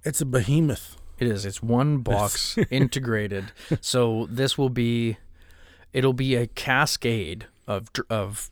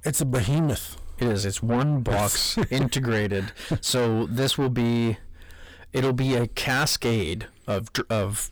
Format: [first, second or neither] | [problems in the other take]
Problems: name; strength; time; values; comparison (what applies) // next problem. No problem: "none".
first | distortion; heavy; 7 dB below the speech